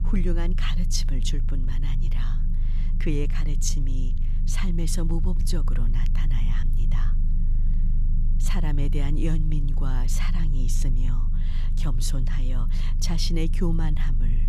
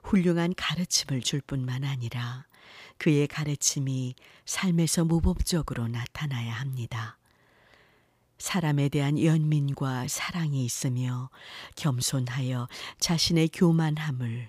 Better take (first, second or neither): second